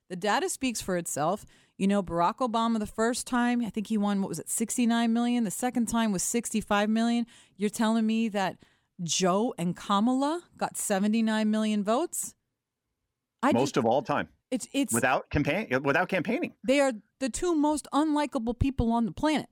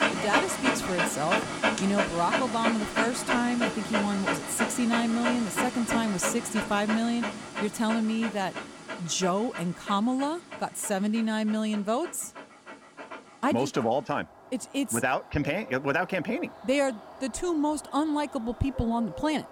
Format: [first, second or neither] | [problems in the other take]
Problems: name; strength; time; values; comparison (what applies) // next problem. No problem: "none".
first | animal sounds; loud; throughout; 2 dB below the speech